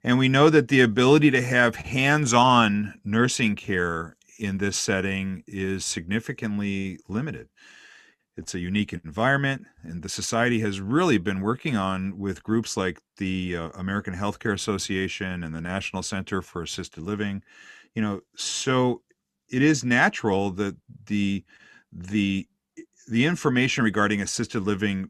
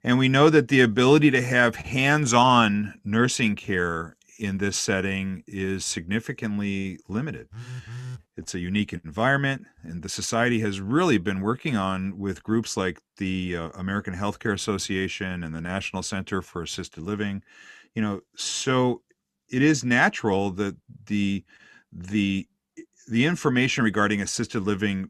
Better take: first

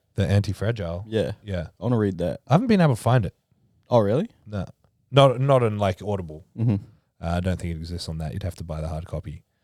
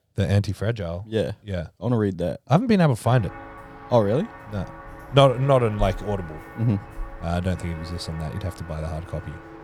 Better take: first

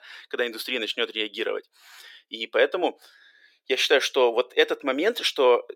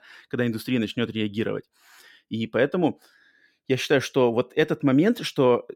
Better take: second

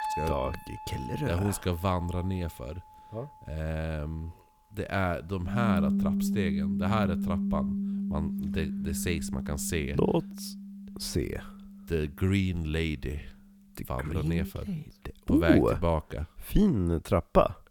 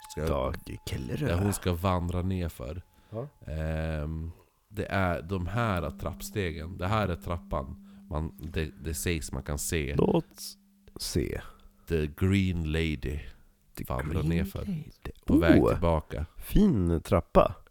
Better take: second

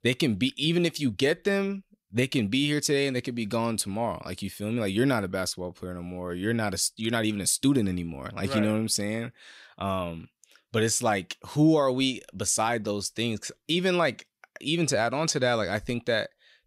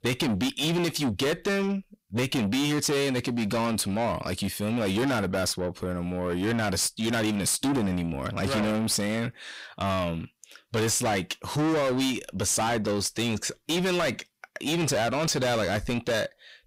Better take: first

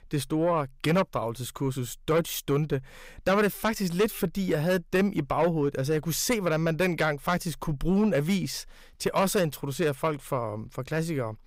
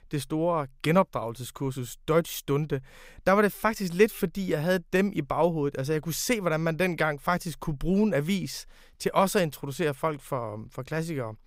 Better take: second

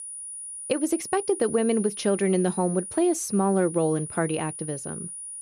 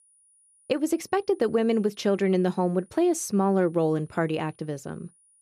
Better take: second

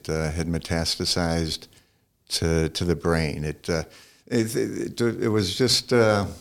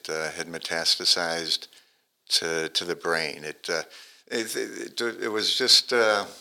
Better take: first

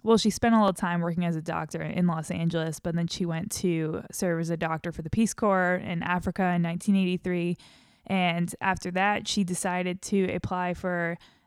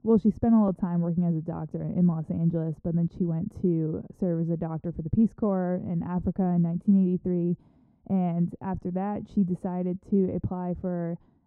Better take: first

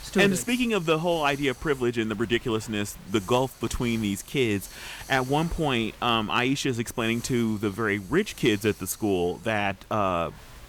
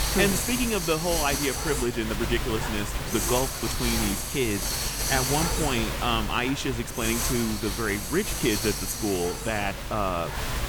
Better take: first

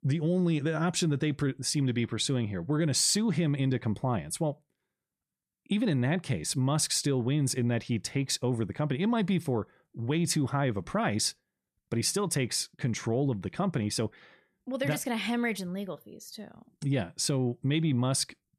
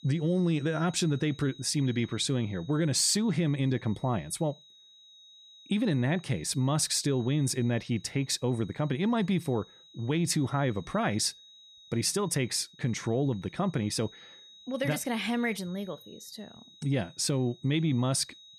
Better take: first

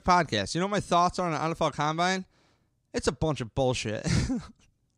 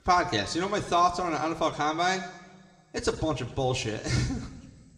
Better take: first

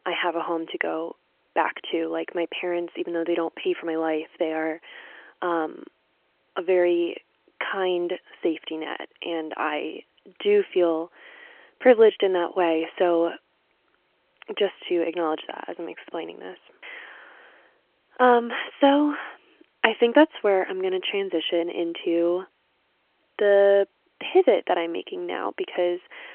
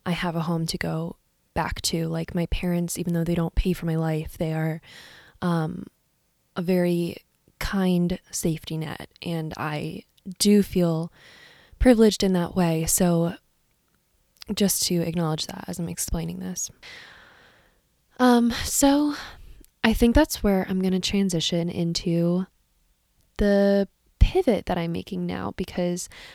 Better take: second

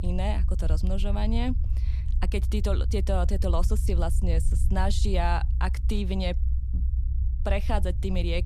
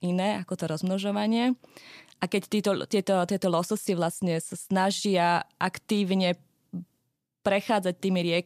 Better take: second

